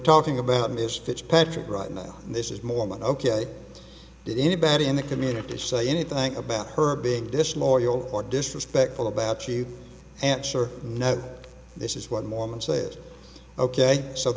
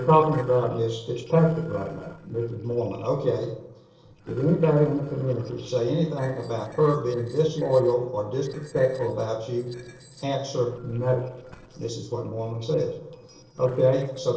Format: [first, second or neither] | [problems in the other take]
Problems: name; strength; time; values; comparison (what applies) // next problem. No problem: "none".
first | noise reduction (neural separator model SepFormer DNS4)